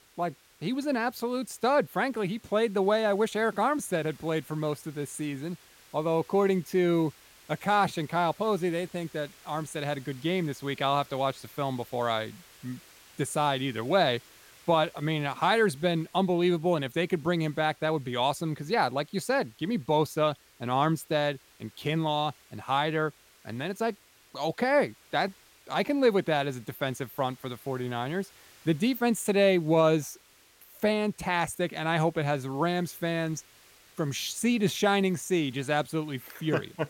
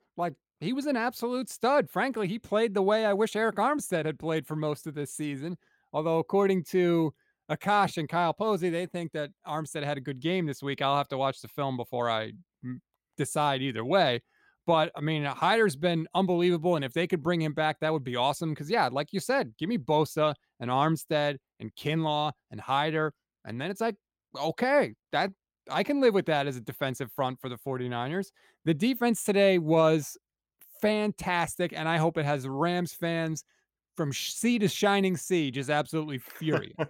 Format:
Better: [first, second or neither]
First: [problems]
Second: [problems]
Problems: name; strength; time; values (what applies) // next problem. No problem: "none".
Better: second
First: hiss; faint; throughout; 25 dB below the speech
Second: none